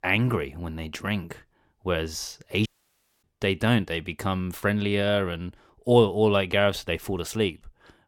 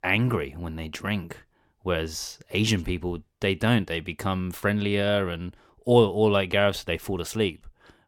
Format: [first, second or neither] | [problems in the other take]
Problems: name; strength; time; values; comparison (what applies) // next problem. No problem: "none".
second | audio cutting out; at 2.5 s for 0.5 s